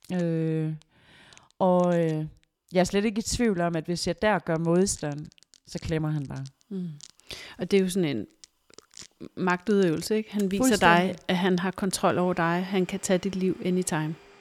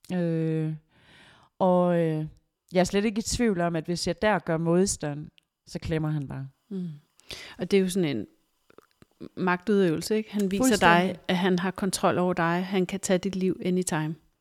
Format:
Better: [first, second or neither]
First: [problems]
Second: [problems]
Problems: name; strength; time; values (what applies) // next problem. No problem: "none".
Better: second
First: household noises; faint; throughout; 25 dB below the speech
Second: none